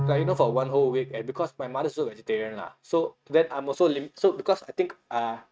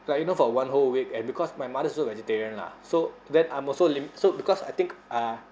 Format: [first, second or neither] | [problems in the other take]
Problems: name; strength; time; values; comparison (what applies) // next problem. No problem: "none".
second | noise reduction (neural mask model RNNoise)